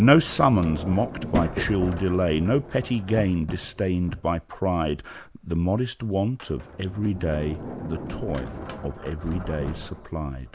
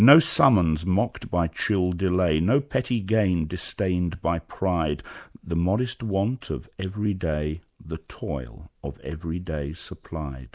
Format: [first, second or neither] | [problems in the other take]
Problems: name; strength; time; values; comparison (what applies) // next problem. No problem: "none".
second | background sound (Sliding door); 11 dB below the speech